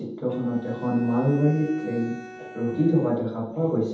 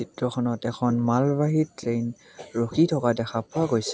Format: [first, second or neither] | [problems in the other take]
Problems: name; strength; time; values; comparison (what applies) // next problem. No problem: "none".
second | background sound (Bowed string instrument); 18 dB below the speech // room echo; dies away in 0.8 s